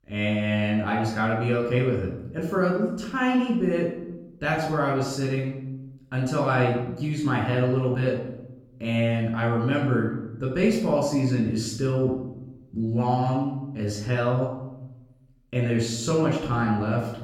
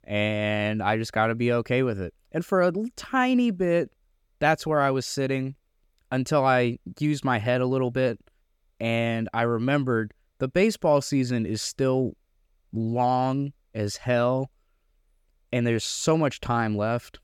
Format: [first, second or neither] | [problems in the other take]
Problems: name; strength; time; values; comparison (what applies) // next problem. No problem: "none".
second | off-mic speech; far // room echo; noticeable; dies away in 0.9 s